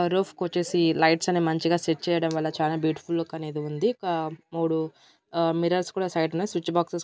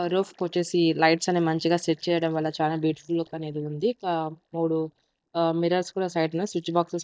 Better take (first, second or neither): first